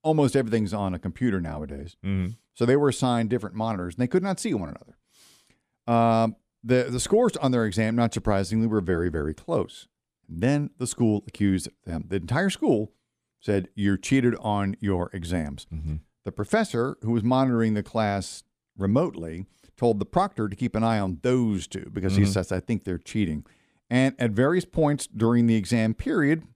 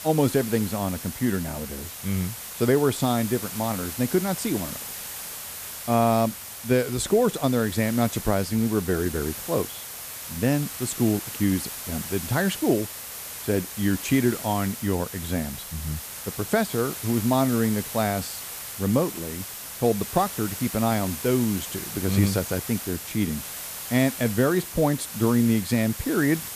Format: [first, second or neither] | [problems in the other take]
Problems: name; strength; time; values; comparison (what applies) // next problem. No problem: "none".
first | hiss; loud; throughout; 8 dB below the speech